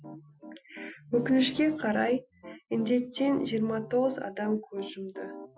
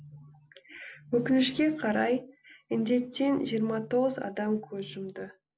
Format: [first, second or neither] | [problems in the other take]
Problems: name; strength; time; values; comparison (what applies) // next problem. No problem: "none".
second | noise reduction (classical method Wiener filter)